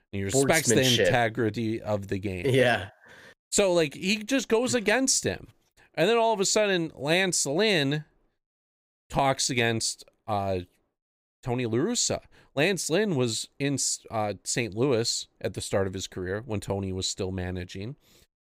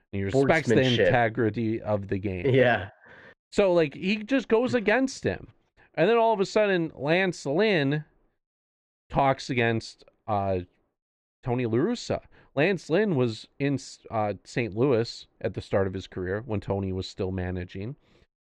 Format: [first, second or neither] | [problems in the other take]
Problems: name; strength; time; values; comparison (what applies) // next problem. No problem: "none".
first | muffled; slightly; fading above 2.5 kHz